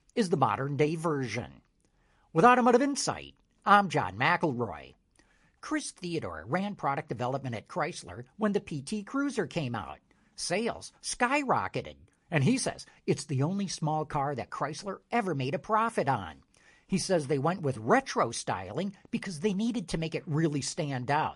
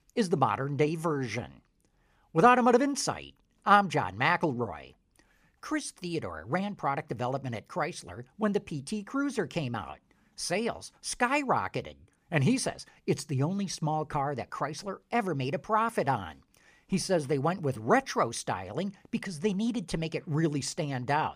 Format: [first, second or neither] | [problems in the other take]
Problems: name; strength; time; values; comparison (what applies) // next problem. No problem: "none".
second | garbled, watery; slightly; nothing above 10 kHz